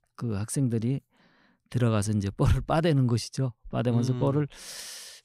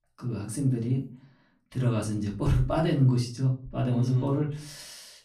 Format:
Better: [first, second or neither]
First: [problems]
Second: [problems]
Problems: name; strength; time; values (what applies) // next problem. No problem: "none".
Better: first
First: none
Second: off-mic speech; far // room echo; slight; dies away in 0.3 s